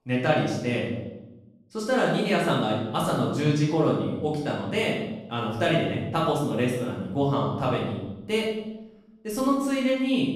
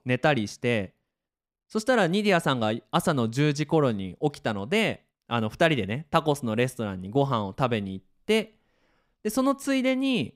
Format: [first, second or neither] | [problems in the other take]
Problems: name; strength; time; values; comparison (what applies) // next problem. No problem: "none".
second | room echo; noticeable; dies away in 0.8 s // off-mic speech; far